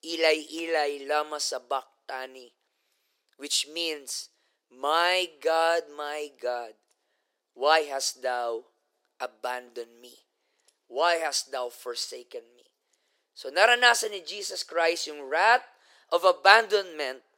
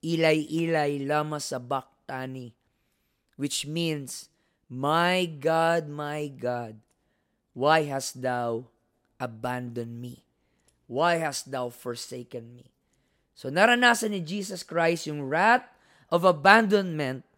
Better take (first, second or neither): second